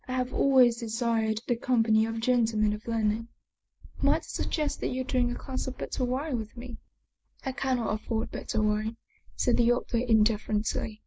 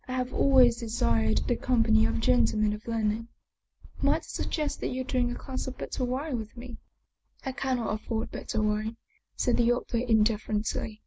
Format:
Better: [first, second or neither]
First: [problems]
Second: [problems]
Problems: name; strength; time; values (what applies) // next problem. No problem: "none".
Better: second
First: noise reduction (neural mask model Resemble Enhance denoiser)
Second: none